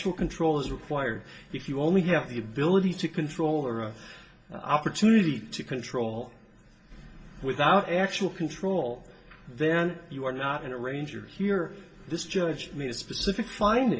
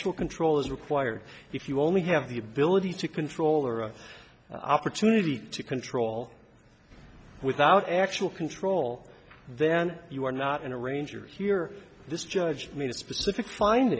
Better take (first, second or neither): second